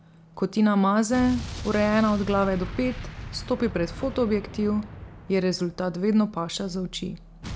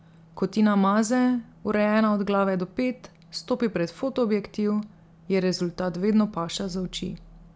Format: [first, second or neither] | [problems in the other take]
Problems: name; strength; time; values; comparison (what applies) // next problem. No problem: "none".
second | background sound (Explosion); 13 dB below the speech